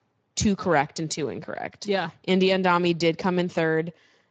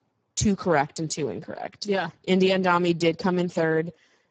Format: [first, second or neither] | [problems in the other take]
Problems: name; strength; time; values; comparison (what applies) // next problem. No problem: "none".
first | garbled, watery; badly; nothing above 7.5 kHz; slightly in the first